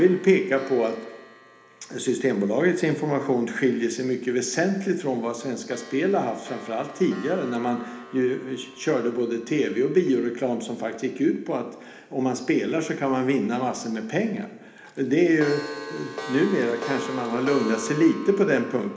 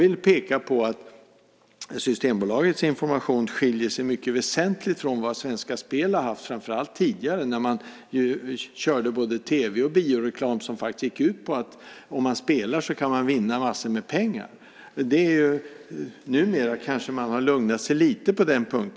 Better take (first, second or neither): second